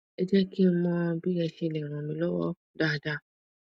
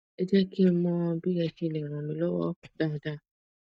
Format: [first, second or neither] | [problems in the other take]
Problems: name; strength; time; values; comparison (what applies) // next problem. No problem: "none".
first | noise reduction (neural mask model DeepFilterNet 3)